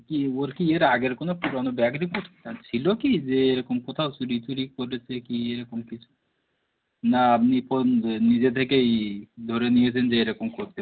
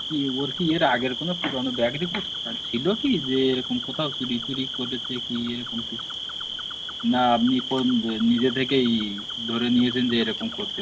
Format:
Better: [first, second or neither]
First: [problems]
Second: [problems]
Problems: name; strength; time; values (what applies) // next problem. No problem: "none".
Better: first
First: none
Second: background sound (Cricket); 7 dB below the speech